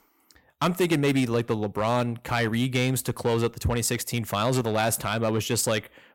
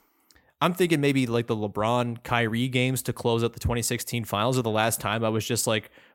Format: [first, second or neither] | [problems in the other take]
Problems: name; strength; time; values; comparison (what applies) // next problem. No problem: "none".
second | distortion; slight; 4% of the sound clipped